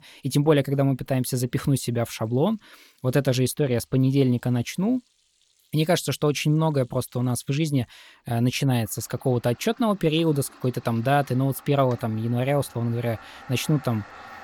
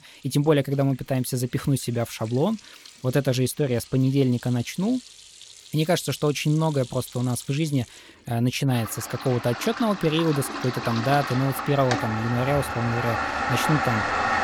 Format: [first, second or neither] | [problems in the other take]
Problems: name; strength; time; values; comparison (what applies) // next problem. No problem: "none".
first | household noises; loud; throughout; 5 dB below the speech; faint in the first